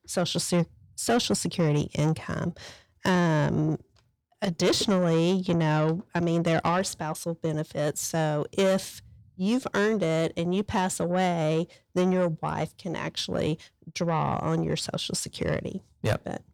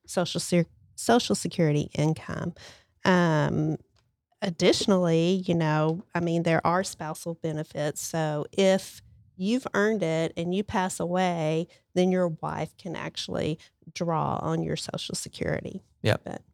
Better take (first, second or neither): second